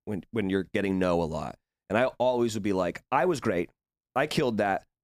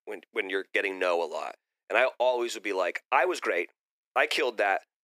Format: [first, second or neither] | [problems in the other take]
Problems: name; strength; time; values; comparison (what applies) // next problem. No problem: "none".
first | thin; very; fading below 350 Hz